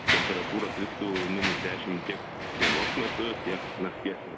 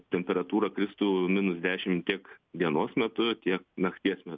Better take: second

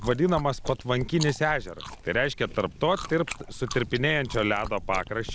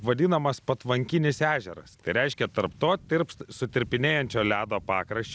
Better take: second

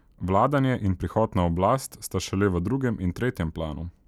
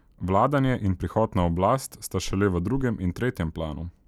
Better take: first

